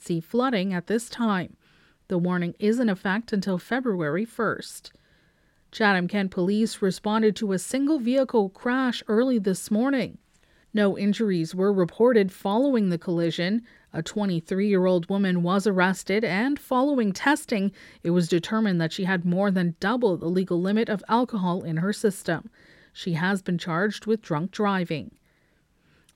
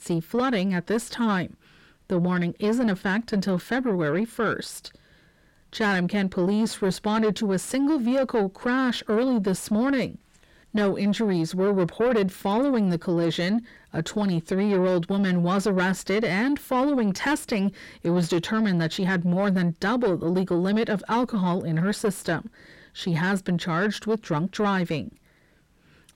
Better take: first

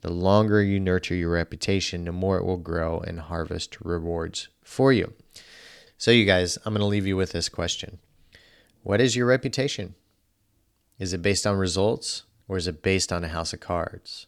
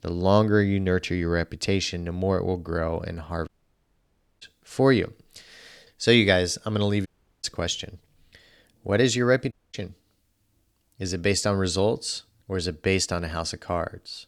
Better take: first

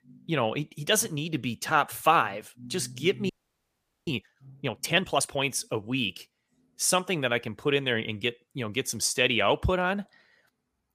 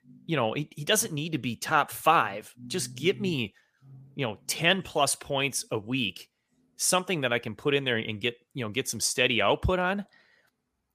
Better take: second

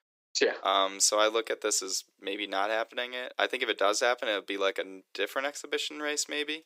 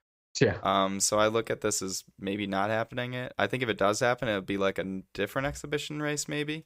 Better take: second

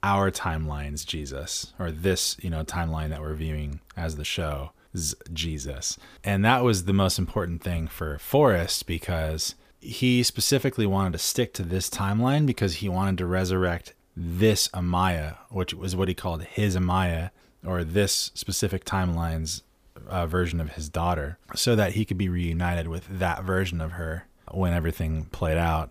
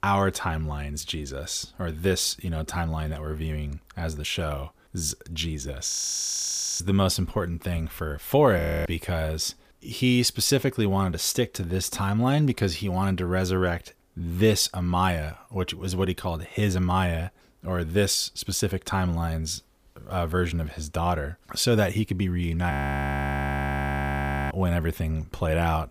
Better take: first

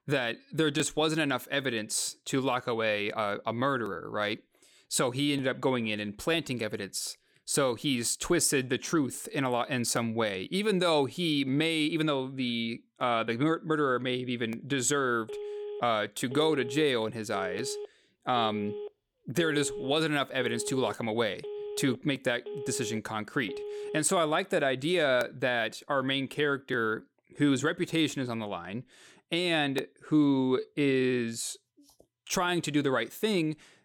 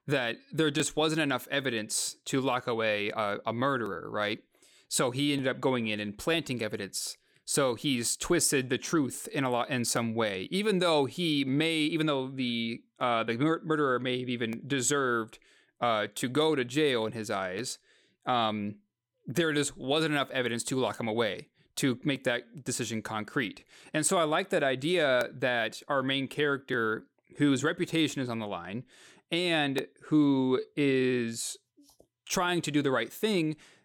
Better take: second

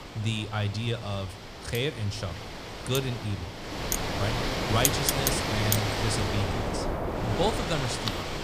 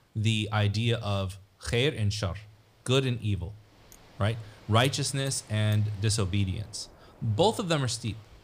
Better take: second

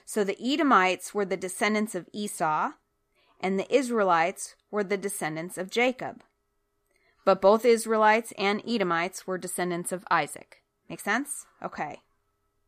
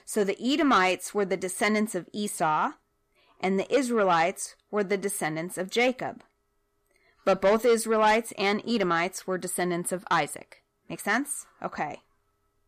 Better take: first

